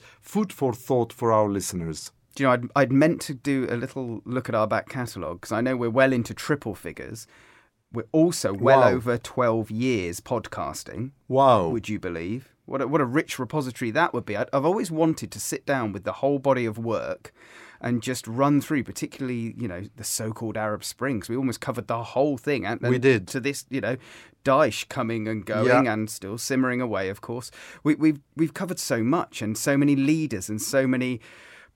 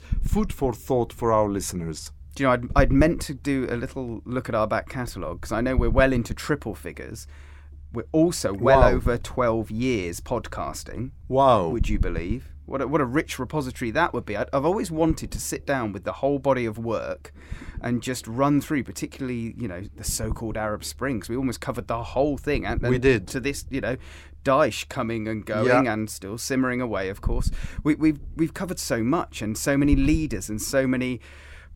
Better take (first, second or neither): first